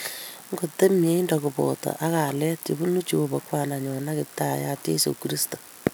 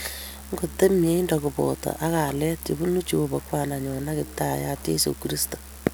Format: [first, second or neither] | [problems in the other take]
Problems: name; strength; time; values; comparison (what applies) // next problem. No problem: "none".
first | background sound (Musical instrument); 17 dB below the speech